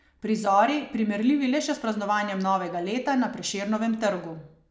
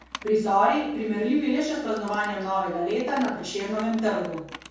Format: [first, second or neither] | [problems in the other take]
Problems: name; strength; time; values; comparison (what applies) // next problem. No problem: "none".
first | background sound (Computer keyboard); 20 dB below the speech // room echo; dies away in 0.6 s